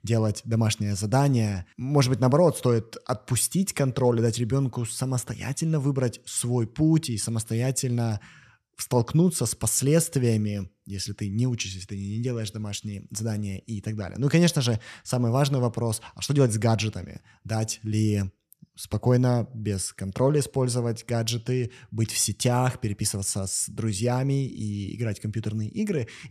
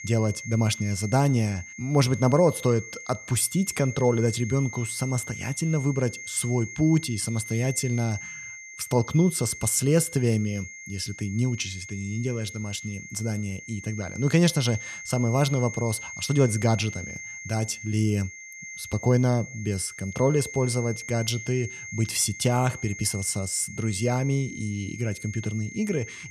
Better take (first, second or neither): first